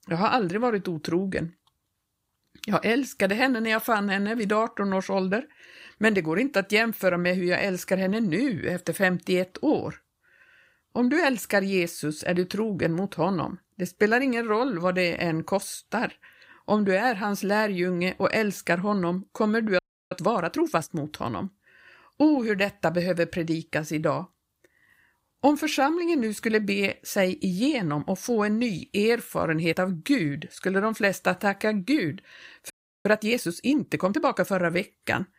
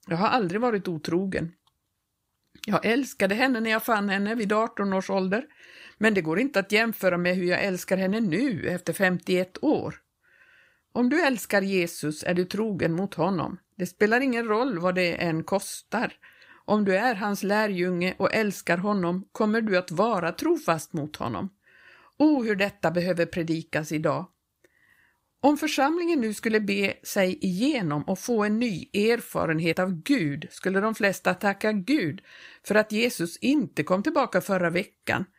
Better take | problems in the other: second | audio freezing; at 20 s and at 33 s

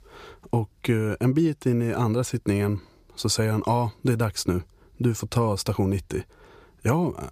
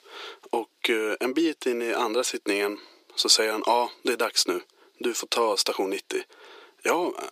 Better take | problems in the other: first | thin; very; fading below 350 Hz

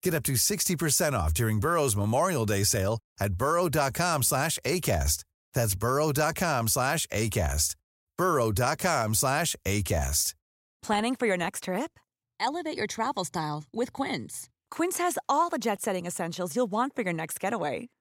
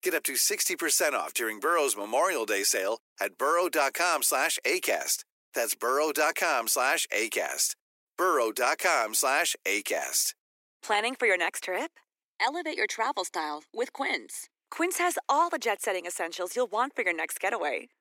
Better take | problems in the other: first | thin; very; fading below 300 Hz

